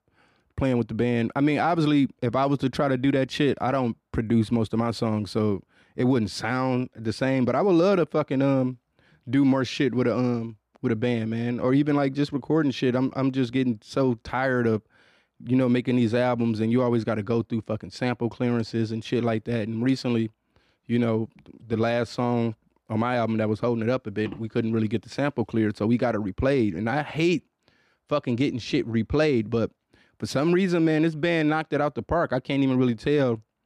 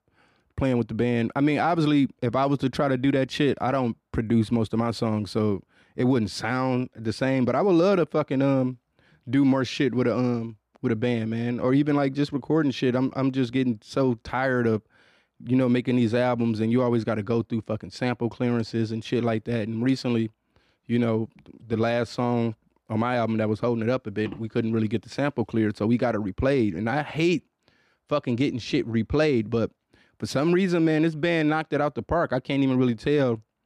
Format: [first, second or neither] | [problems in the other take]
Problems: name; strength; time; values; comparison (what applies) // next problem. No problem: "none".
neither | none